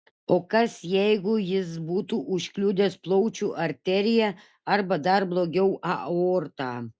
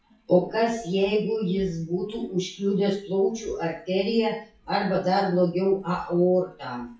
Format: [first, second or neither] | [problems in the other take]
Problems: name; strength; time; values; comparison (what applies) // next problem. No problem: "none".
first | noise reduction (classical method WPE with log-MMSE)